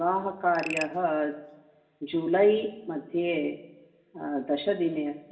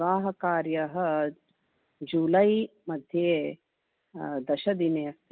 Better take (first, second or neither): second